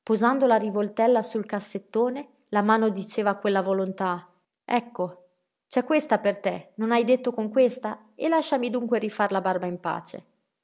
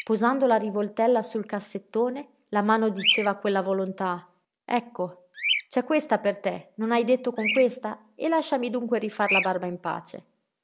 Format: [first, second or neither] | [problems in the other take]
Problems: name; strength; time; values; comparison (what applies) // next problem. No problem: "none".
first | background sound (Bird vocalization, bird call, bird song); 8 dB below the speech